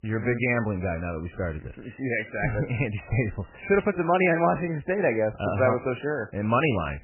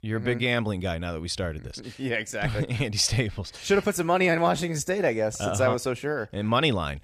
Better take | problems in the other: second | garbled, watery; badly; nothing above 2.5 kHz

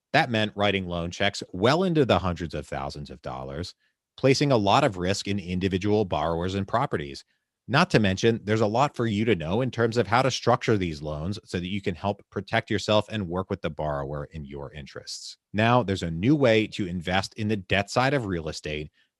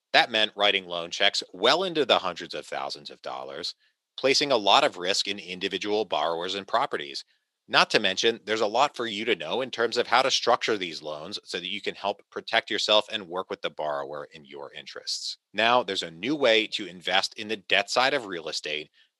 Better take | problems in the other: first | thin; somewhat; fading below 450 Hz

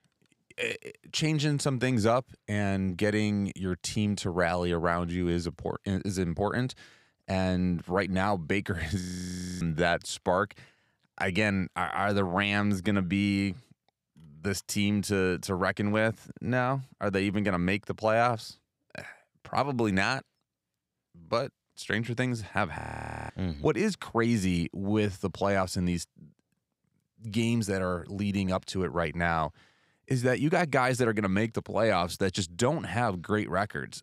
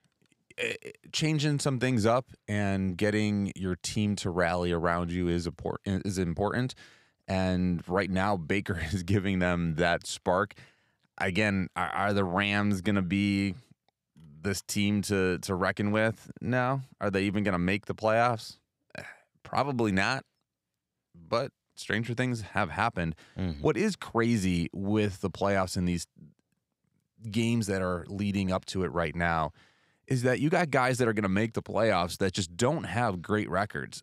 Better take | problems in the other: second | audio freezing; at 9 s for 0.5 s and at 23 s for 0.5 s

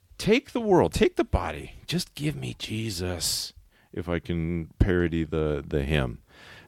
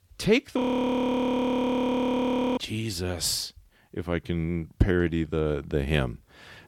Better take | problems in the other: first | audio freezing; at 0.5 s for 2 s

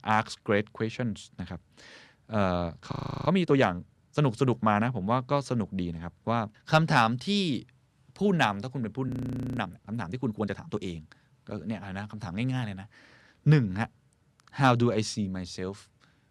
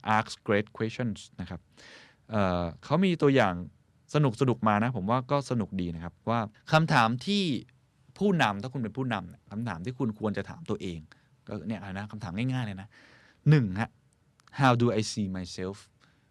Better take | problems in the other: second | audio freezing; at 3 s and at 9 s

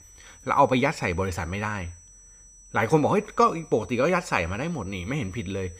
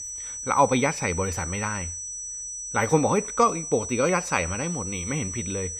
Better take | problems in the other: first | high-pitched whine; loud; throughout; 6 kHz, 6 dB below the speech; faint in the first

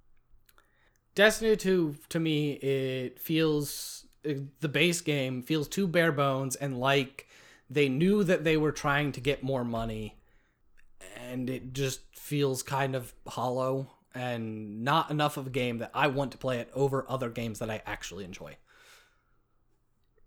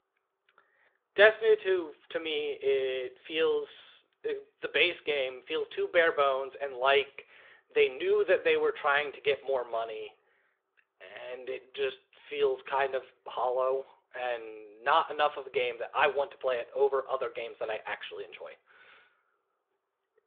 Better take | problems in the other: first | phone-call audio; nothing above 3.5 kHz

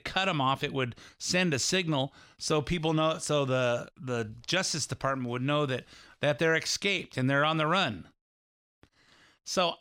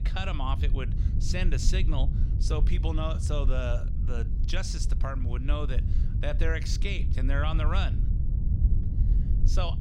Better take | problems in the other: first | wind noise on the microphone; heavy; 9 dB below the speech

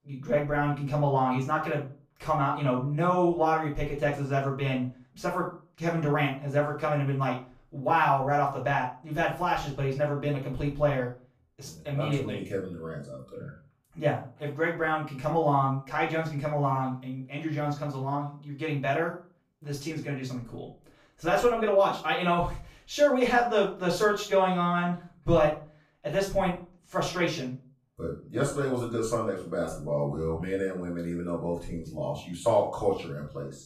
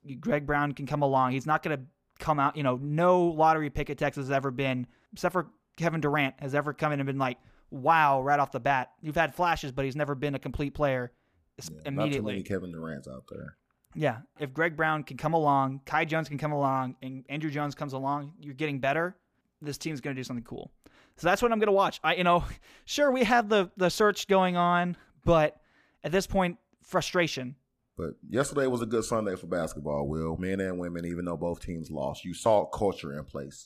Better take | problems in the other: second | room echo; slight; dies away in 0.3 s // off-mic speech; far

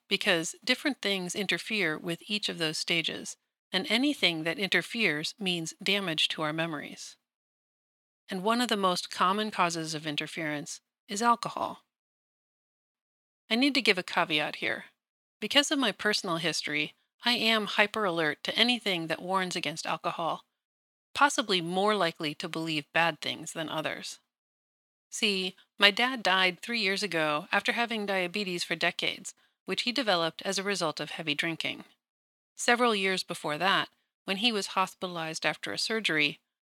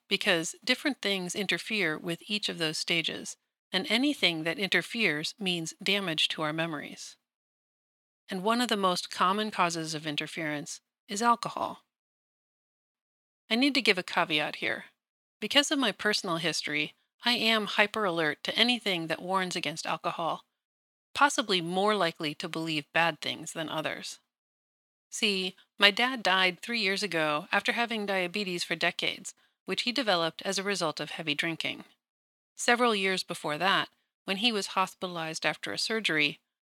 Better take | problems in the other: neither | thin; somewhat; fading below 1 kHz; the same in both

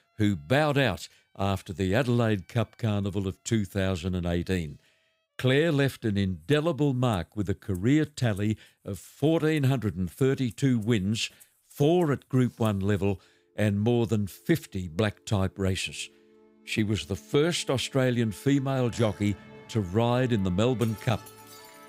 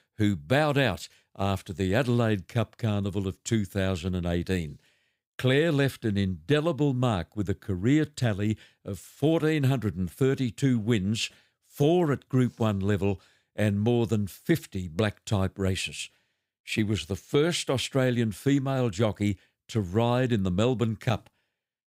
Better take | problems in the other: second | background music; faint; throughout; 25 dB below the speech

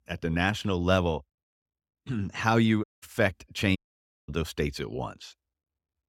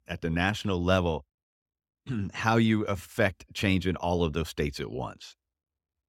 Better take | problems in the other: second | audio cutting out; at 3 s and at 4 s for 0.5 s

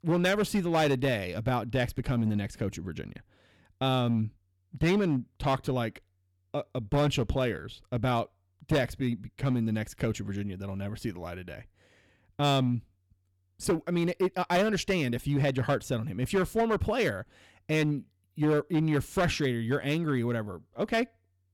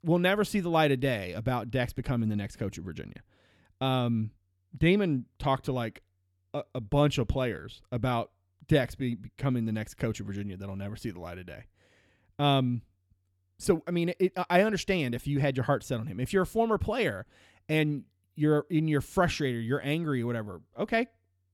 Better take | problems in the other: second | distortion; slight; 5% of the sound clipped

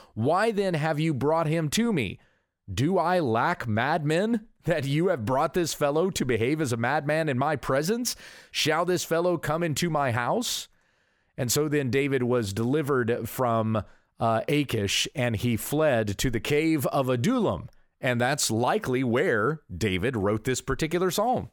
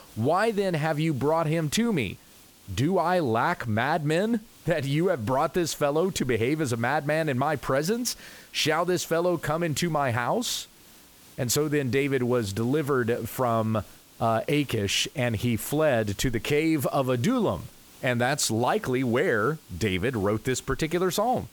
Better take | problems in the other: first | hiss; faint; throughout; 25 dB below the speech

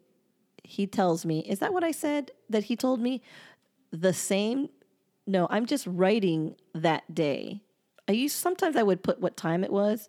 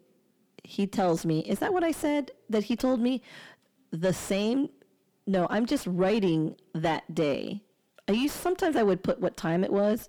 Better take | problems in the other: first | distortion; slight; 10 dB below the speech

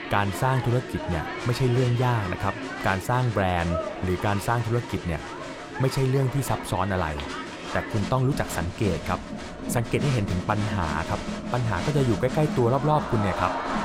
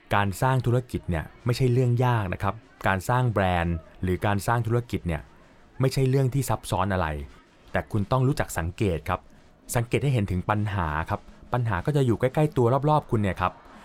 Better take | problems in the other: second | crowd noise; loud; throughout; 7 dB below the speech; faint in the second

